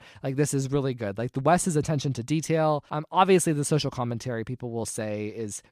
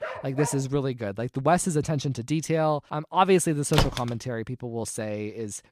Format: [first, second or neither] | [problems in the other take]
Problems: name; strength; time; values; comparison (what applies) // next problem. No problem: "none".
first | dog barking; noticeable; at the start; peak 9 dB below the speech // door banging; noticeable; at 3.5 s; peak level with the speech